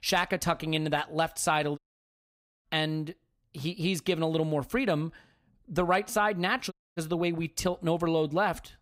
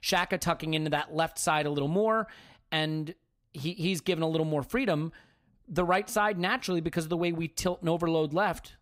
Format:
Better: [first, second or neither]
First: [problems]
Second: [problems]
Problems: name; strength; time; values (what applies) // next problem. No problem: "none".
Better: second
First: audio cutting out; at 2 s for 1 s and at 6.5 s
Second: none